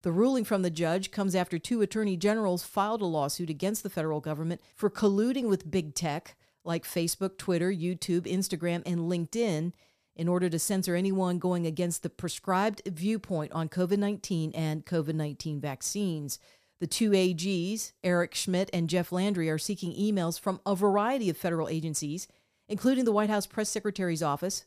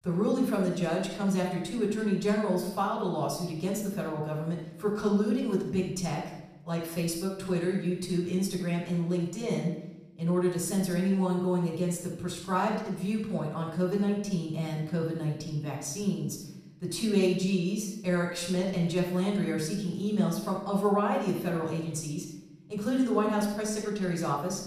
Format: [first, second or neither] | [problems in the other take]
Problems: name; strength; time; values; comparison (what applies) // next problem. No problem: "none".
first | off-mic speech; far // room echo; noticeable; dies away in 0.8 s